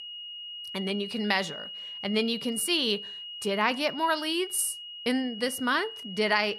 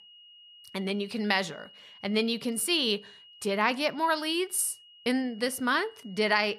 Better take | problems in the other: second | high-pitched whine; loud; throughout; 3 kHz, 9 dB below the speech; faint in the second

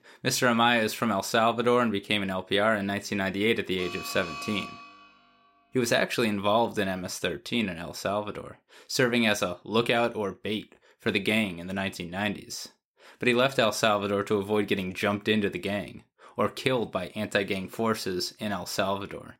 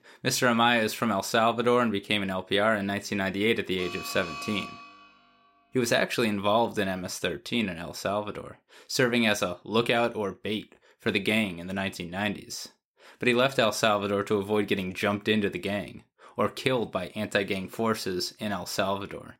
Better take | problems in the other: neither | alarm; noticeable; from 4 to 5 s; peak 9 dB below the speech; the same in both

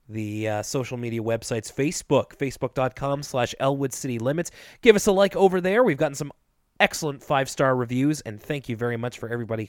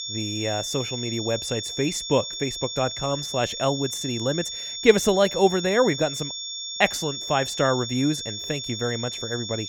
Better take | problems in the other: first | high-pitched whine; loud; throughout; 3.5 kHz, 5 dB below the speech

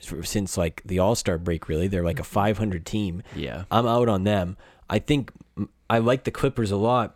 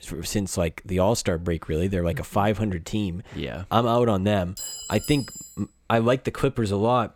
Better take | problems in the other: first | clattering dishes; noticeable; at 4.5 s; peak 8 dB below the speech

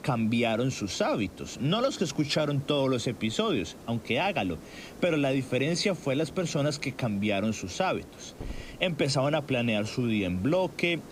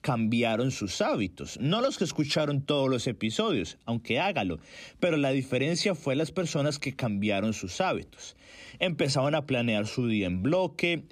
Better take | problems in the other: second | hiss; noticeable; throughout; 20 dB below the speech

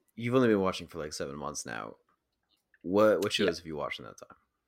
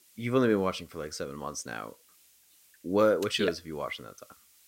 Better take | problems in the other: first | hiss; faint; throughout; 30 dB below the speech

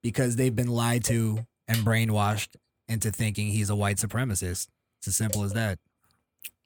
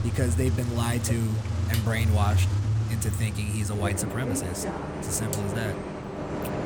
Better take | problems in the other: first | traffic noise; very loud; throughout; as loud as the speech

